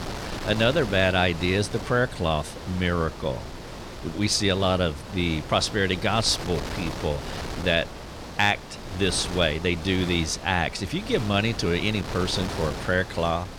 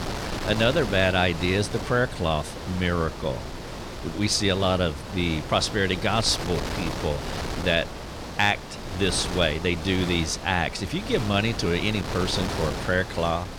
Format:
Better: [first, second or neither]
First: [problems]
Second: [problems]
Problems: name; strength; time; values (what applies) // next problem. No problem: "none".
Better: first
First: wind noise on the microphone; occasional gusts; 10 dB below the speech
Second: wind noise on the microphone; heavy; 9 dB below the speech